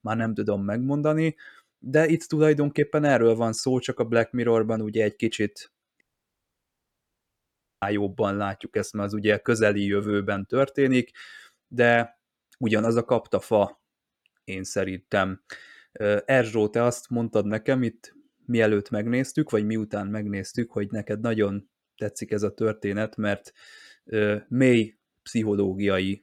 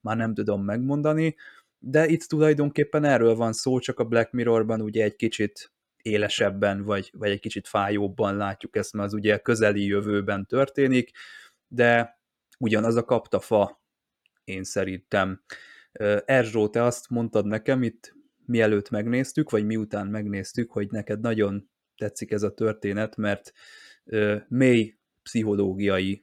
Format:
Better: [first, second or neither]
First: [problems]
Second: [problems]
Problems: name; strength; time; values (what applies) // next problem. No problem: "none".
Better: second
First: audio cutting out; at 6 s for 2 s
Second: none